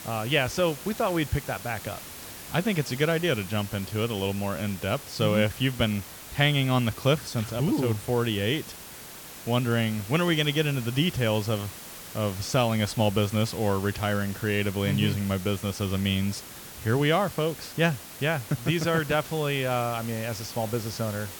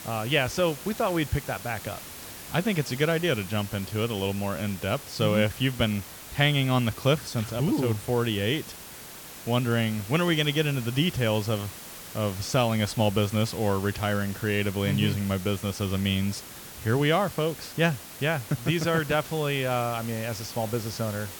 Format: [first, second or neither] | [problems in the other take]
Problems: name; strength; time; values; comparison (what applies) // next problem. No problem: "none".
neither | hiss; noticeable; throughout; 15 dB below the speech; the same in both